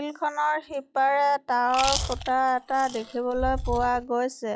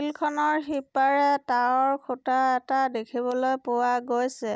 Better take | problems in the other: second | noise reduction (classical method log-MMSE)

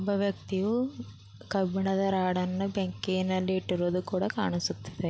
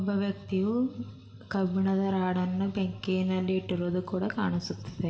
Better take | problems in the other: first | room echo; dies away in 1.7 s

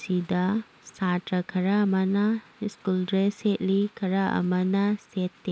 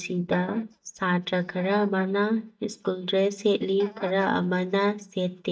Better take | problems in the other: first | noise reduction (neural mask model DeepFilterNet 3)

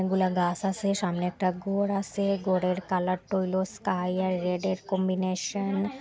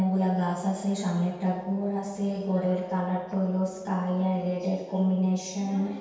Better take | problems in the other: first | room echo; dies away in 1.2 s

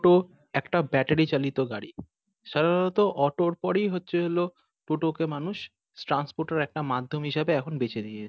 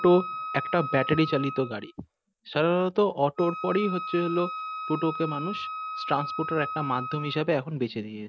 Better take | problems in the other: first | background sound (Wind instrument, woodwind instrument); 9 dB below the speech

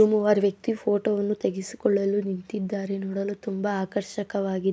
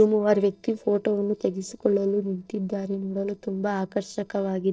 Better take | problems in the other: first | noise reduction (neural separator model SepFormer DNS4)

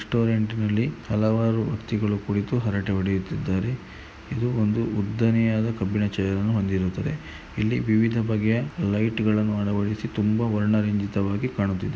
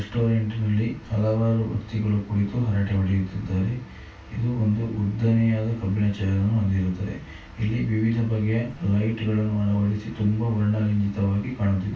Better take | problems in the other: first | room echo; dies away in 0.2 s

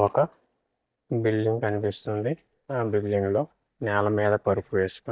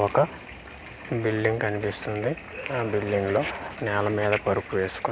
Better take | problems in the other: second | noise reduction (neural mask model DeepFilterNet 3)

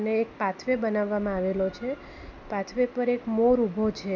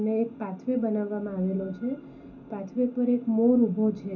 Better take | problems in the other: first | room echo; dies away in 0.3 s

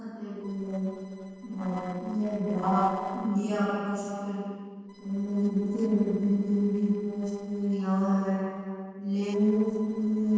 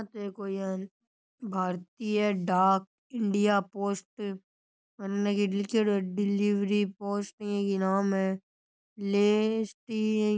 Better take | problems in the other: second | noise reduction (neural separator model SepFormer DNS4)

